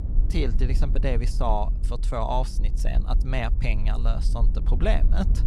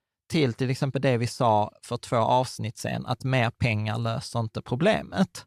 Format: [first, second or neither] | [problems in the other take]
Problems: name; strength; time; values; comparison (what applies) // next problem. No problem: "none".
second | low rumble; noticeable; throughout; 15 dB below the speech